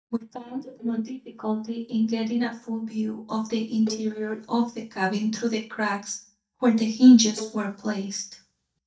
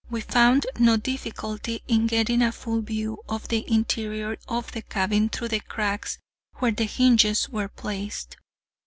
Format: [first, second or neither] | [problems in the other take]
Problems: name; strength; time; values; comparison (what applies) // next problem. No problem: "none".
second | noise reduction (neural mask model DeepFilterNet 3)